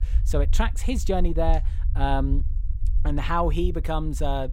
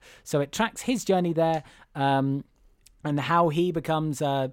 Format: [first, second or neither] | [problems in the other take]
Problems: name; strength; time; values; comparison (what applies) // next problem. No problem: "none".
second | low rumble; faint; throughout; 20 dB below the speech